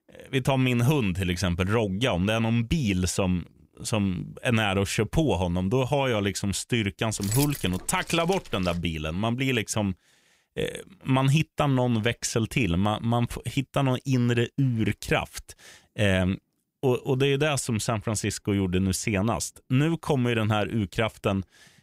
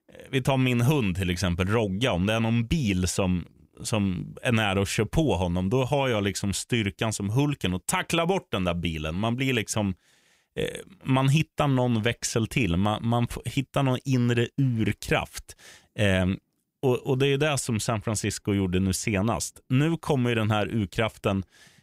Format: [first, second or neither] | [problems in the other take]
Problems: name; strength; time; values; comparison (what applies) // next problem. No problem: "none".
second | jangling keys; noticeable; from 7 to 9 s; peak 5 dB below the speech